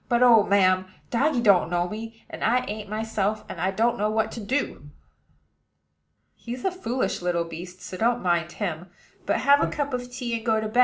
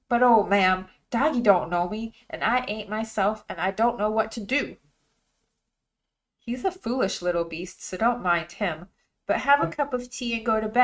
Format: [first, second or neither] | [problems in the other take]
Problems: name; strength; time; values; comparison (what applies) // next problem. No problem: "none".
first | noise reduction (neural mask model RNNoise)